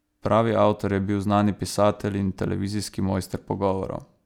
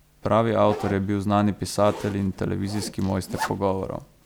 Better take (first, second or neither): first